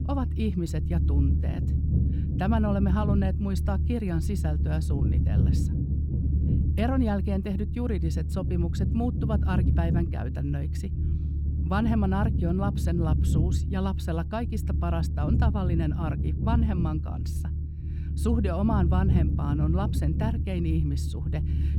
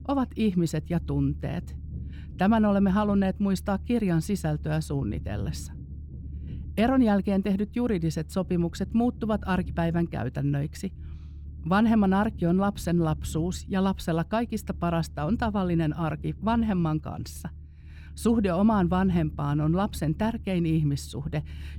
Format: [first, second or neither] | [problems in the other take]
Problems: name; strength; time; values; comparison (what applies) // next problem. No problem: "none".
second | low rumble; loud; throughout; 6 dB below the speech; faint in the second